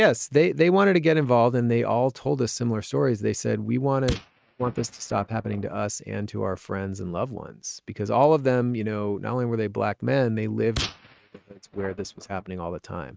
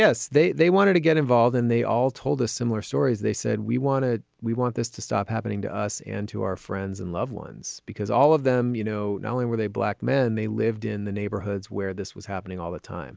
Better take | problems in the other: second | noise reduction (neural mask model RNNoise)

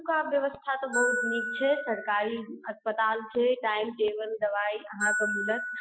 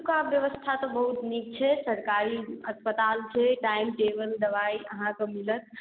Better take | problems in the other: second | noise reduction (classical method Wiener filter)

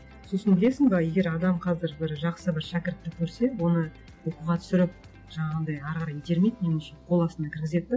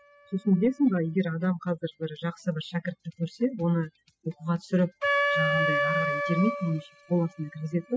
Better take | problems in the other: first | noise reduction (classical method spectral subtraction)

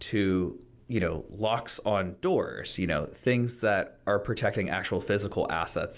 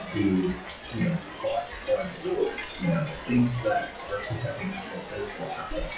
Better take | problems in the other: first | noise reduction (classical method WPE with log-MMSE)

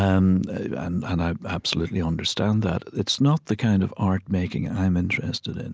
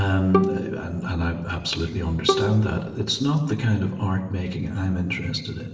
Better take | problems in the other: first | background sound (Bowed string instrument); 6 dB below the speech // room echo; dies away in 1 s

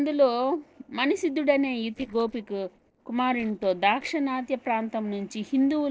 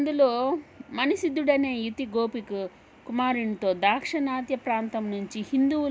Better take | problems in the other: second | noise reduction (neural separator model SepFormer DNS4)

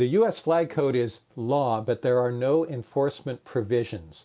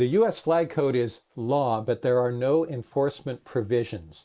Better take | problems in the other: first | noise reduction (neural mask model Resemble Enhance denoiser)

